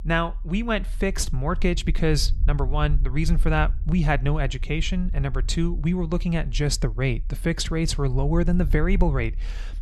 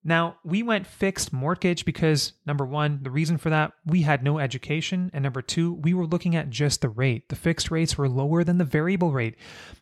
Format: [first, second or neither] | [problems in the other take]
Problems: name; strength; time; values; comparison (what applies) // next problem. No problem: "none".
second | low rumble; faint; throughout; 25 dB below the speech